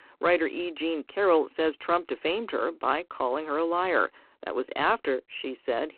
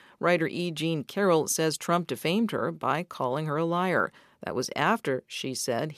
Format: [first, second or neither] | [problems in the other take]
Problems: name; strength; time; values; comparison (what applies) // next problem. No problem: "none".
second | phone-call audio; poor line; nothing above 4 kHz